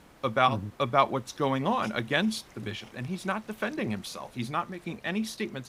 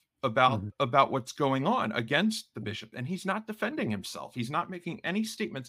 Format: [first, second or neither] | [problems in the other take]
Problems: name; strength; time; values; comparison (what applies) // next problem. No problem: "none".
second | hiss; faint; throughout; 25 dB below the speech